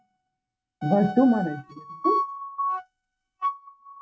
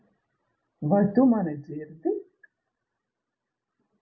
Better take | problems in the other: second | noise reduction (neural mask model RNNoise)

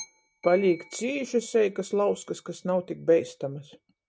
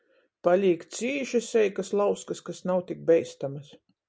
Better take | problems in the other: second | noise reduction (neural mask model RNNoise)

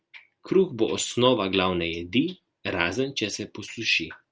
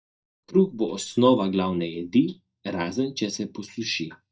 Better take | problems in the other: first | noise reduction (neural mask model DeepFilterNet 3)

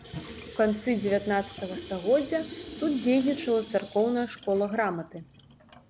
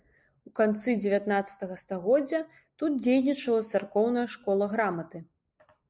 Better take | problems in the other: second | background sound (Sink (filling or washing) / Water tap, faucet); 15 dB below the speech

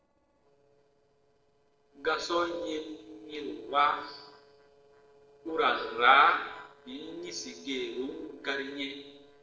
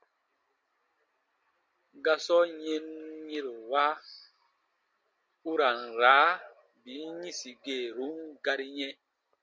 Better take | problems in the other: second | noise reduction (neural separator model SepFormer DNS4)

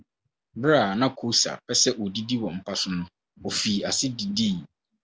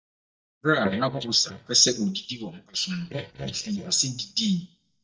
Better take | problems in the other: first | noise reduction (neural mask model DeepFilterNet 3)

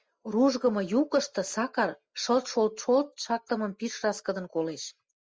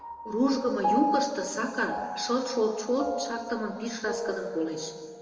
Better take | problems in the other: first | background sound (Piano); 5 dB below the speech // room echo; dies away in 2.1 s

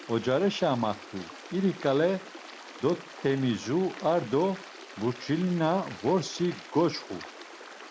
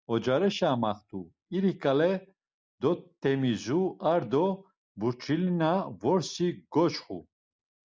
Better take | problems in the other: second | background sound (Stream); 16 dB below the speech

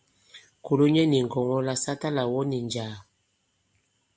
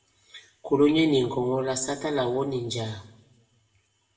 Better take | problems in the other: first | room echo; dies away in 0.7 s

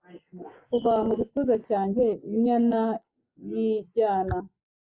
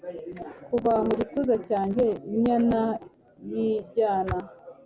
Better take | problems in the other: second | noise reduction (neural mask model Resemble Enhance denoiser)

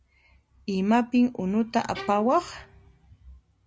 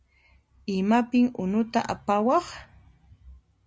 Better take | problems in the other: second | background sound (Bowed string instrument); 18 dB below the speech

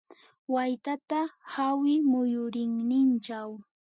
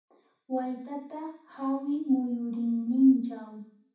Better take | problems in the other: first | room echo; dies away in 0.6 s

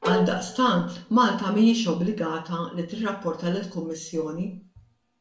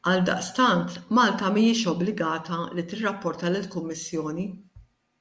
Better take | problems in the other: second | background sound (Bowed string instrument); 7 dB below the speech // room echo; dies away in 0.3 s

